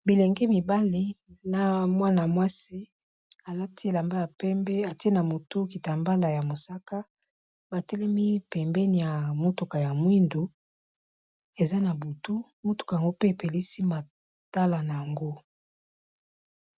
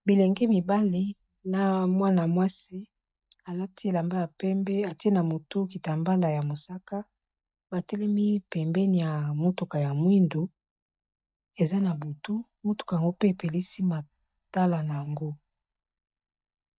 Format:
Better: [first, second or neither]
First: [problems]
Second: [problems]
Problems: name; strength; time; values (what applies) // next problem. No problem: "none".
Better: first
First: none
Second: noise reduction (neural mask model DeepFilterNet 3)